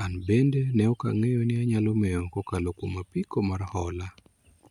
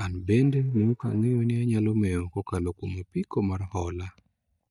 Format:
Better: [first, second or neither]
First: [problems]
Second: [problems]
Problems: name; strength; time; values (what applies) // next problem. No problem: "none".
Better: first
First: none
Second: noise reduction (neural mask model DeepFilterNet 3)